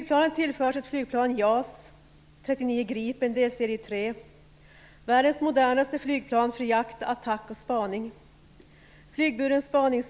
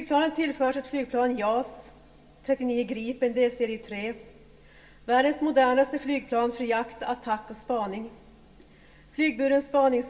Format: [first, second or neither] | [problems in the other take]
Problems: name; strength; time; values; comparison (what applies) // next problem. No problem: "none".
first | room echo; dies away in 1.2 s